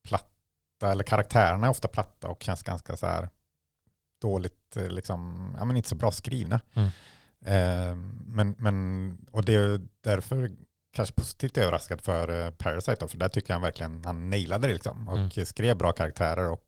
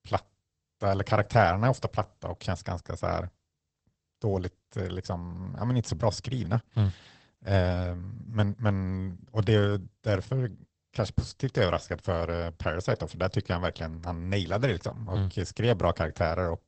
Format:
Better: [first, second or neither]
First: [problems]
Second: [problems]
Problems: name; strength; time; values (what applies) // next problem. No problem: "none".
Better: first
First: garbled, watery; slightly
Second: garbled, watery; badly; nothing above 8 kHz